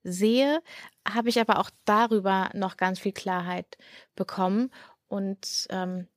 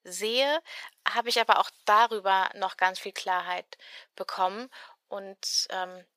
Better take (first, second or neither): first